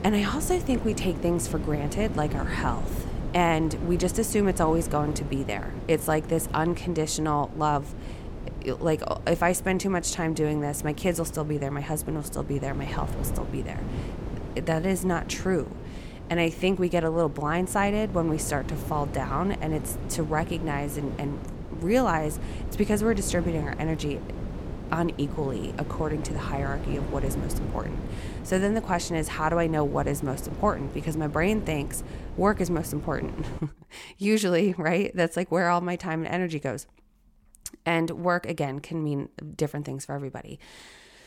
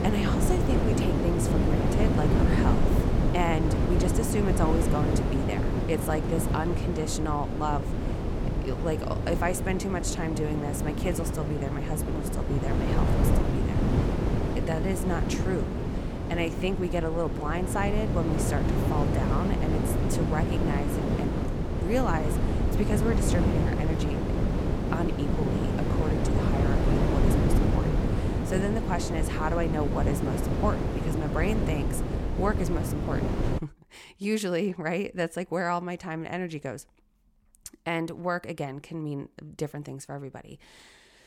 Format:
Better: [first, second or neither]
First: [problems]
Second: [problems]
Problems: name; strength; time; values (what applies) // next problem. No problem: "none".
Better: first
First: wind noise on the microphone; occasional gusts; until 34 s; 15 dB below the speech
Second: wind noise on the microphone; heavy; until 34 s; 1 dB below the speech